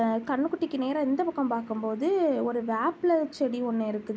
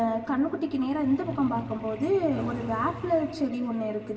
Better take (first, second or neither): first